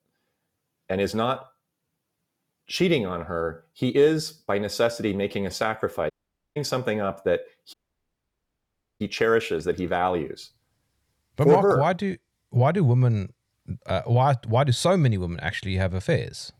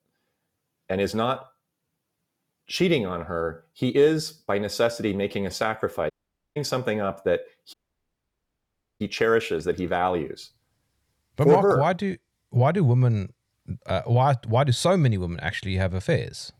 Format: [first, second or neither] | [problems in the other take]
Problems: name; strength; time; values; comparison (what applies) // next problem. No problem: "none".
neither | audio cutting out; at 6 s and at 7.5 s for 1.5 s; the same in both